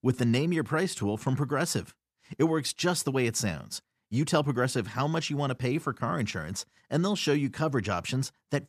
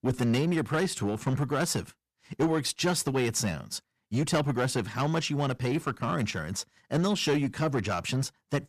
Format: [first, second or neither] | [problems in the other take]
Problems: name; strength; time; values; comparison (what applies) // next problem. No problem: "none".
first | distortion; slight; 6% of the sound clipped